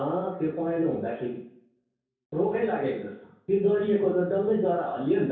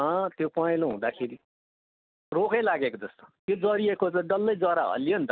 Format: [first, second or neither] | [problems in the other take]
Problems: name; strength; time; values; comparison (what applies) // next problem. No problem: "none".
second | room echo; dies away in 0.6 s